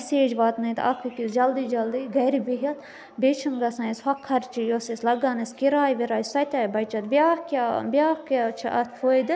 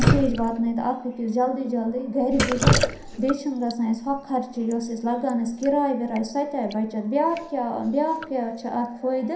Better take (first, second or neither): first